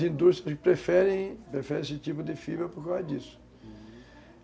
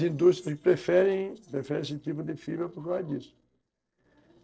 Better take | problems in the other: first | noise reduction (neural separator model SepFormer DNS4)

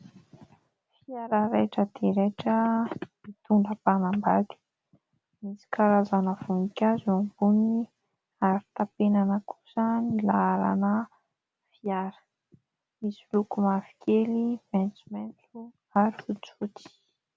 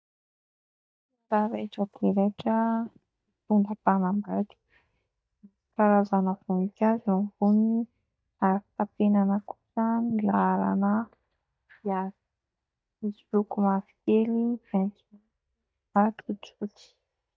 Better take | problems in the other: first | noise reduction (neural mask model DeepFilterNet 3)

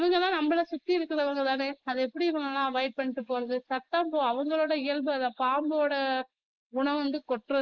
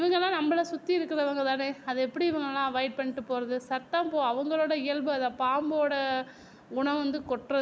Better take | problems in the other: second | noise reduction (neural mask model Resemble Enhance denoiser)

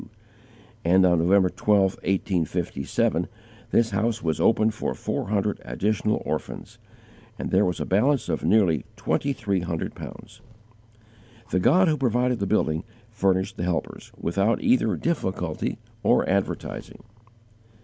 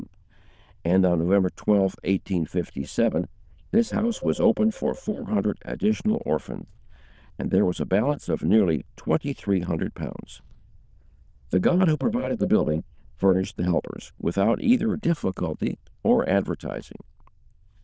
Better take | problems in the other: first | noise reduction (neural diffusion model UNIVERSE++)

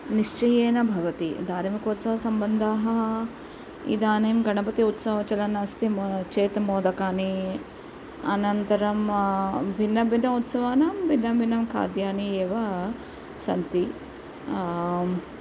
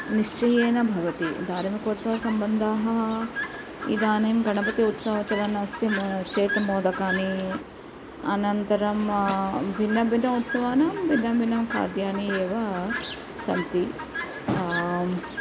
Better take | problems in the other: first | background sound (Chirp, tweet); 10 dB below the speech

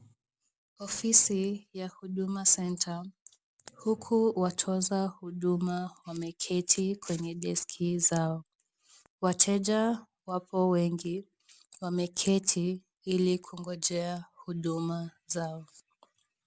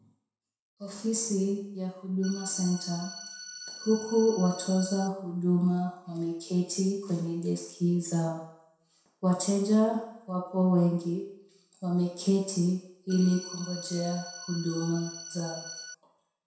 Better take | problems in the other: first | background sound (Organ); 13 dB below the speech // room echo; dies away in 0.7 s

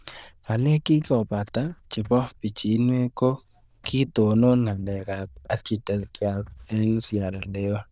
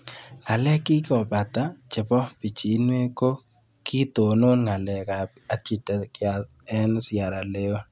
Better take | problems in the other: second | noise reduction (neural diffusion model UNIVERSE++)

